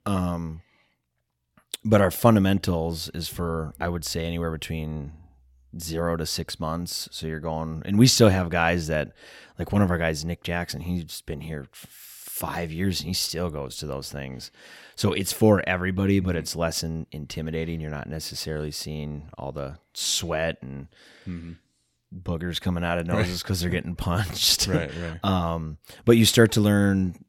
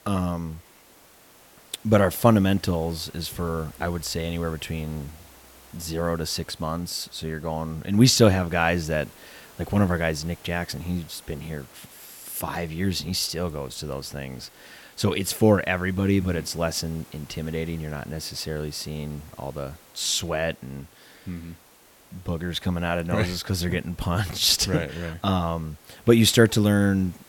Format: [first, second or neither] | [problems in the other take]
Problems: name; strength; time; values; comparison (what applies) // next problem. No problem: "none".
first | hiss; faint; throughout; 25 dB below the speech